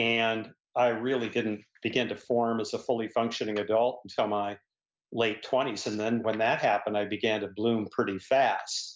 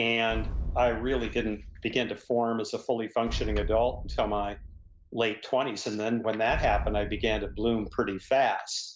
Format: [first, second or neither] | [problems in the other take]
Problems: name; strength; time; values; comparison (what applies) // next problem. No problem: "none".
first | background sound (Boom); 7 dB below the speech